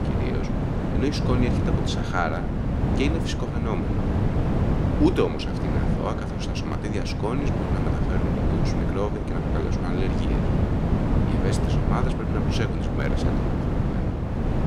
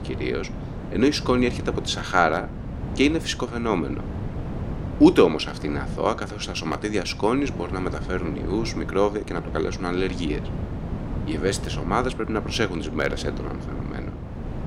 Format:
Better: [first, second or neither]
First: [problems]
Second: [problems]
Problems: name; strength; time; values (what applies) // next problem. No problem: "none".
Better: second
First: wind noise on the microphone; heavy; as loud as the speech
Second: wind noise on the microphone; occasional gusts; 15 dB below the speech